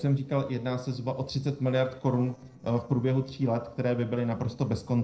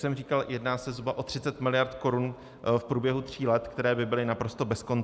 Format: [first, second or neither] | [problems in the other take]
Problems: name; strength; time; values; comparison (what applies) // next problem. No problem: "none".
second | noise reduction (neural separator model SepFormer DNS4)